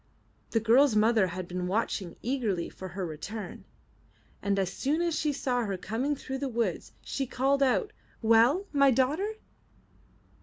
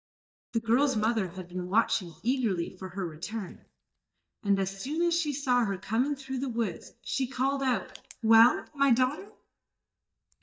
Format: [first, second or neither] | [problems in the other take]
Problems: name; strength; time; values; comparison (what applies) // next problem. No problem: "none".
first | noise reduction (neural mask model DeepFilterNet 3)